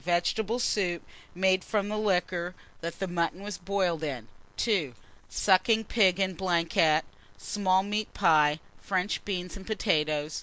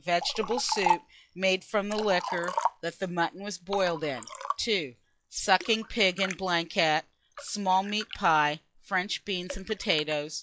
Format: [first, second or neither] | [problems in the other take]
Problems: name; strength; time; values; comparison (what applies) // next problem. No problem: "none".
first | noise reduction (classical method log-MMSE)